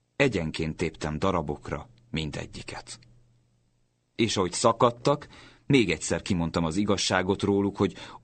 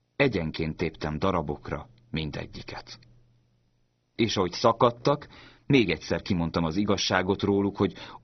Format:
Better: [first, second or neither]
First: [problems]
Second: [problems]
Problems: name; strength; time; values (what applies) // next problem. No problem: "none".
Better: first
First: garbled, watery; slightly; nothing above 8.5 kHz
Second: garbled, watery; badly; nothing above 6 kHz